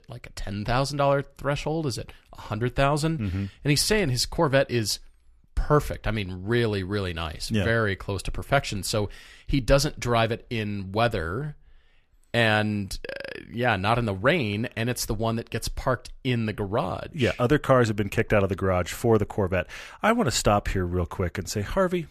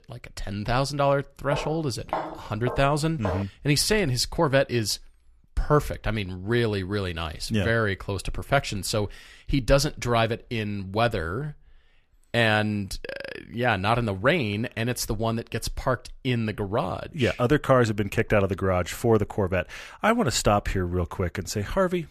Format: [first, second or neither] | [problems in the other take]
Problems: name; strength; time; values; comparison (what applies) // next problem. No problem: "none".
first | footsteps; noticeable; from 1.5 to 3.5 s; peak 6 dB below the speech